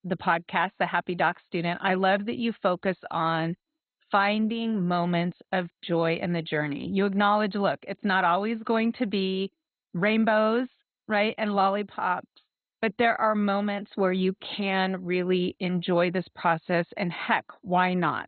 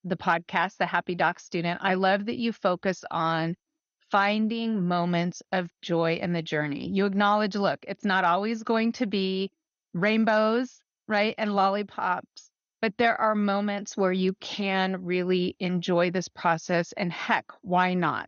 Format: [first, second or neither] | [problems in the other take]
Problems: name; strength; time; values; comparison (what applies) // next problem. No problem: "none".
second | garbled, watery; badly; nothing above 4 kHz; slightly in the second